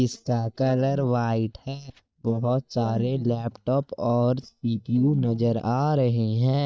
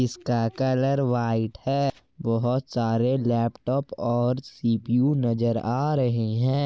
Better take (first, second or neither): second